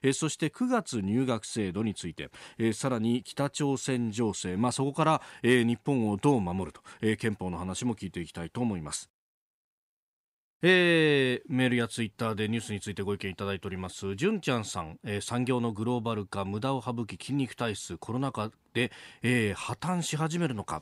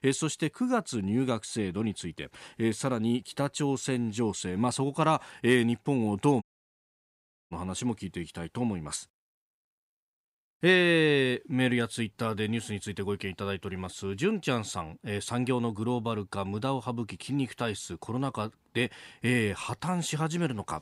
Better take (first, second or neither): first